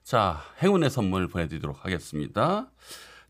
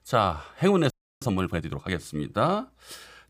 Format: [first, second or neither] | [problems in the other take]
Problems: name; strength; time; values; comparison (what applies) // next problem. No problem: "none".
first | audio freezing; at 1 s